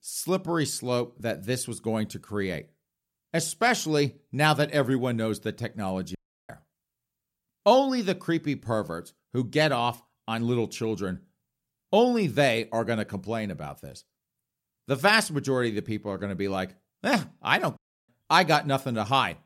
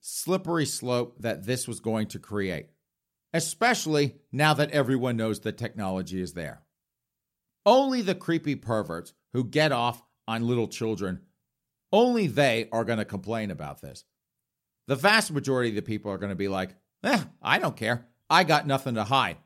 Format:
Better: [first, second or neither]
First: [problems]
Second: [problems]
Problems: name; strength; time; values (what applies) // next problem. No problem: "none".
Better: second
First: audio cutting out; at 6 s and at 18 s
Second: none